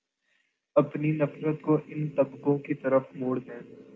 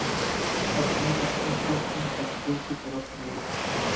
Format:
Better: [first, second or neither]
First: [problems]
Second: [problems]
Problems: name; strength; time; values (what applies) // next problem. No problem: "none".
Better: first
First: none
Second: background sound (Waves, surf); 5 dB above the speech // room echo; dies away in 0.6 s